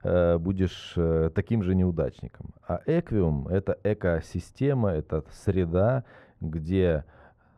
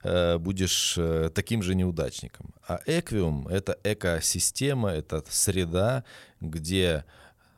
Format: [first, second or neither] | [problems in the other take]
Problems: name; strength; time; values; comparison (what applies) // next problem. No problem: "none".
second | muffled; very; fading above 3 kHz